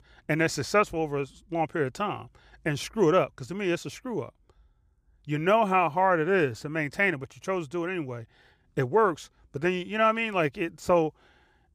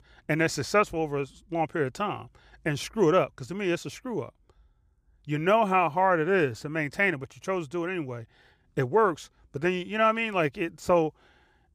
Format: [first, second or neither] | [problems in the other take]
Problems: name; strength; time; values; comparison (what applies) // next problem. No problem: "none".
neither | none